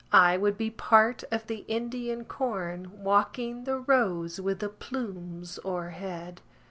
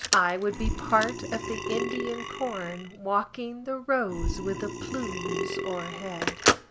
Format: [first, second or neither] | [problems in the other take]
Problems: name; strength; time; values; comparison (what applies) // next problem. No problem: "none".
first | background sound (Burping, eructation + Telephone); 1 dB below the speech